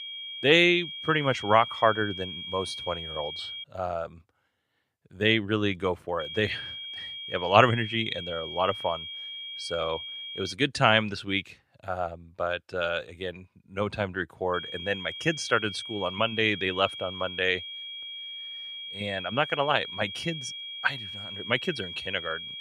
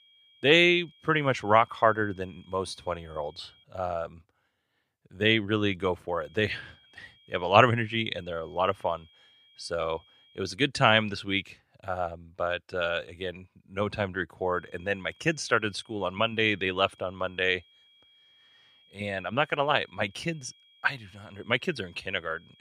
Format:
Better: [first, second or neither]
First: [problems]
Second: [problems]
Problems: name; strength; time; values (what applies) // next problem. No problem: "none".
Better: second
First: high-pitched whine; loud; until 3.5 s, from 6 to 11 s and from 15 s on; 3.5 kHz, 9 dB below the speech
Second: high-pitched whine; faint; until 3.5 s, from 6 to 11 s and from 15 s on; 3.5 kHz, 30 dB below the speech